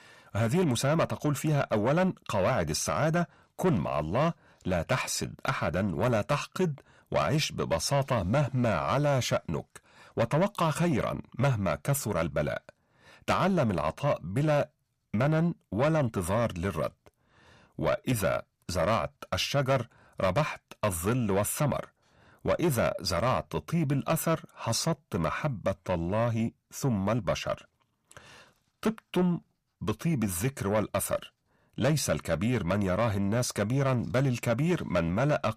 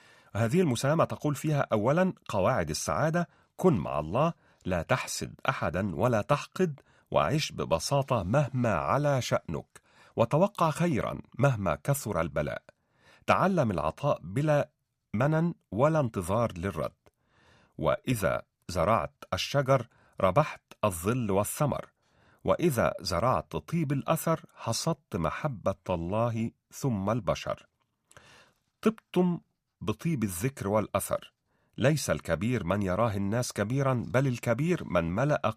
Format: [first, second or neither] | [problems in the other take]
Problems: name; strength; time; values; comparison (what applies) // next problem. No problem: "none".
second | distortion; slight; 10 dB below the speech